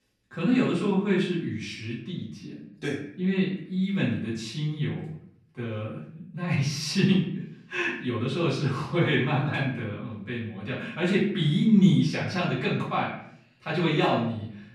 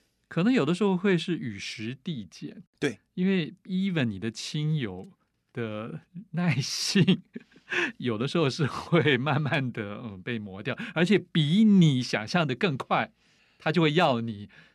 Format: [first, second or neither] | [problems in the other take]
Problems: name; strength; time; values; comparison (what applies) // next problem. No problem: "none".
second | off-mic speech; far // room echo; noticeable; dies away in 0.6 s